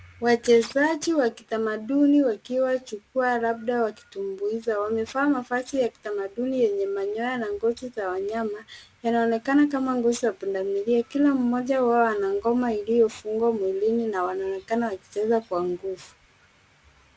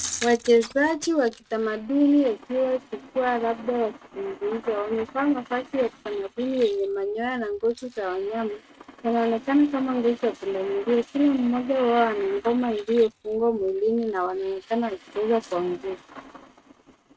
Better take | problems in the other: first | noise reduction (neural mask model RNNoise)

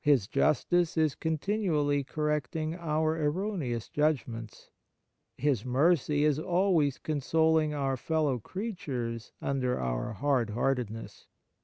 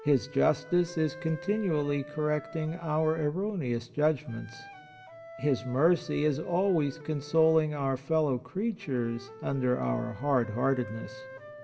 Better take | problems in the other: first | background sound (Wind instrument, woodwind instrument); 18 dB below the speech // room echo; dies away in 1.4 s

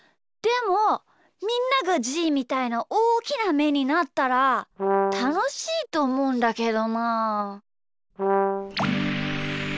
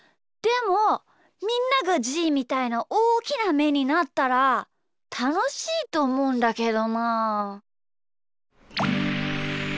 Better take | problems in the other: second | background sound (Brass instrument); as loud as the speech

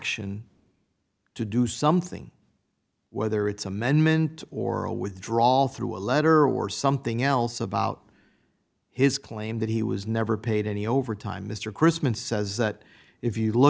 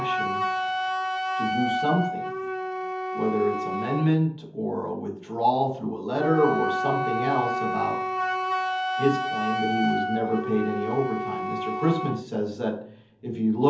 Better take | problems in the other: first | background sound (Wind instrument, woodwind instrument); 2 dB below the speech // room echo; dies away in 0.7 s

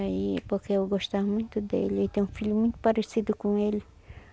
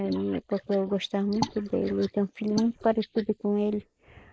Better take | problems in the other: first | noise reduction (neural mask model Resemble Enhance denoiser)

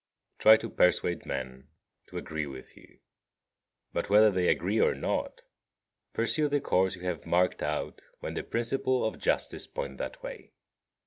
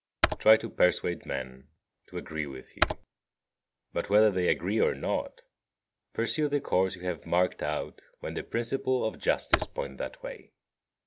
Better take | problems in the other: first | background sound (Computer keyboard); 5 dB below the speech

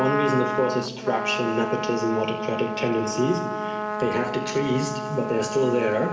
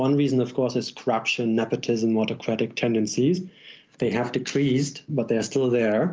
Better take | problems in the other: second | background sound (Trumpet); 4 dB below the speech // room echo; dies away in 2.9 s

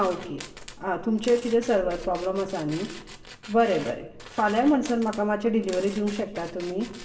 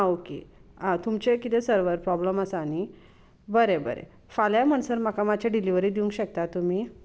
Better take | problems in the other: second | background sound (Tools); 18 dB below the speech // room echo; dies away in 0.8 s

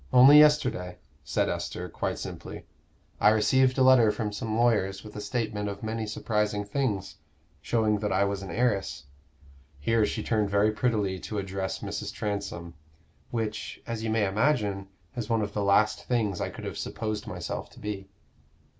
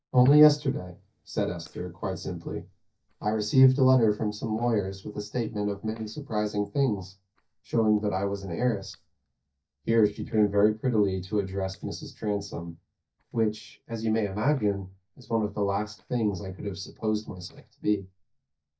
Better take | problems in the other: first | noise reduction (neural mask model DeepFilterNet 3)

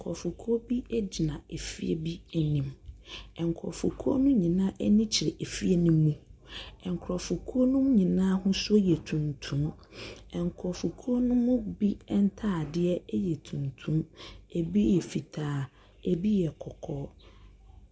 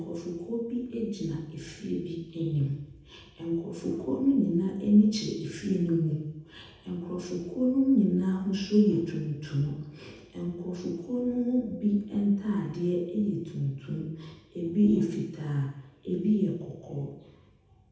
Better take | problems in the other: first | room echo; dies away in 0.8 s

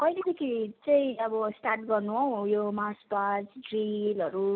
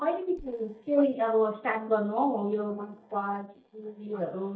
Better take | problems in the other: first | noise reduction (neural mask model DeepFilterNet 3)

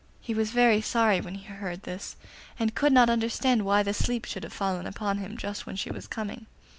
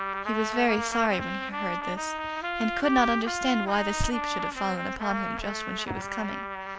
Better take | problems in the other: first | background sound (Trumpet); 3 dB below the speech

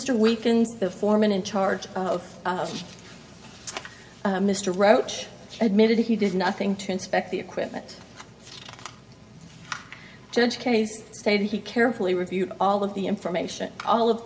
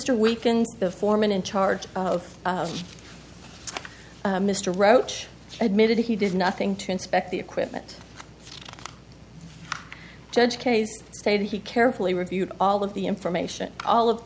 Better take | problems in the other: second | room echo; dies away in 1.5 s

